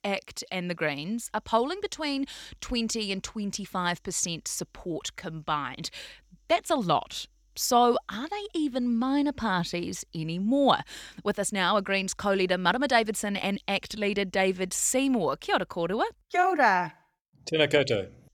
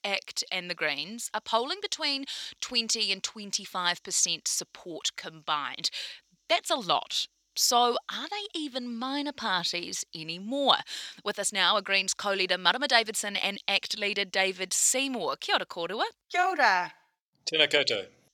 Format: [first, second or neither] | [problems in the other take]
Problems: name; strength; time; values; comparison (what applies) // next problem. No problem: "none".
first | thin; very slightly; fading below 650 Hz